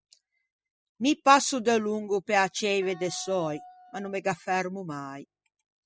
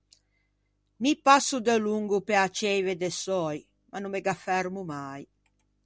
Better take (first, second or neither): second